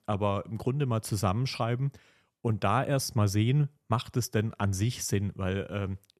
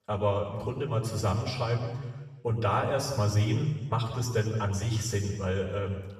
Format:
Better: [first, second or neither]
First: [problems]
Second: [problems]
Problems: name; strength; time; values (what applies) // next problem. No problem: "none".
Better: first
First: none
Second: room echo; noticeable; dies away in 1.3 s // off-mic speech; far